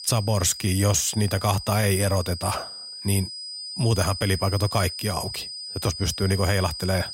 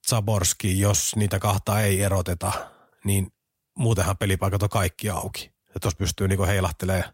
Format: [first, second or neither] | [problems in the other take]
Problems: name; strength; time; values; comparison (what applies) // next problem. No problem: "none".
second | high-pitched whine; loud; throughout; 5 kHz, 9 dB below the speech